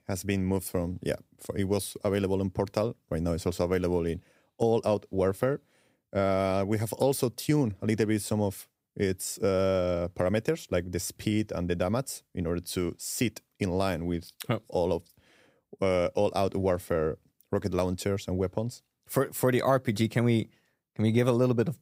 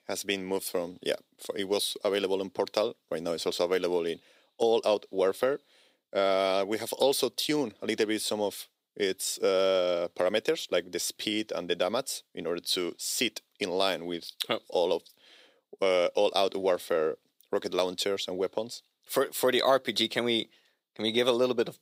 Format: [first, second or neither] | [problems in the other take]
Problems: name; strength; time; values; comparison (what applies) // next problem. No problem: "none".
first | thin; somewhat; fading below 400 Hz